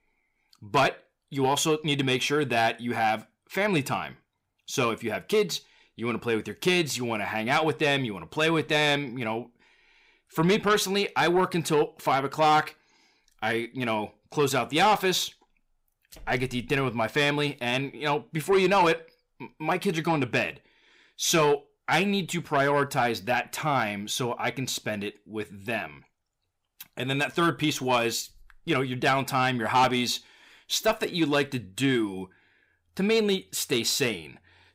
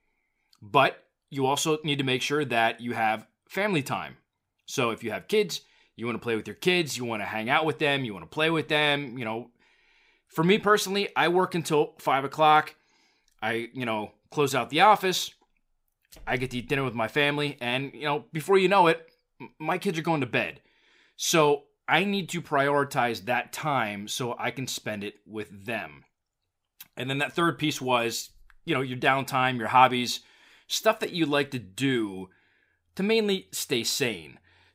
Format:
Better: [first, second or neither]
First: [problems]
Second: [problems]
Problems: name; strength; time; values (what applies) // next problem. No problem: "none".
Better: second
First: distortion; slight; 10 dB below the speech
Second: none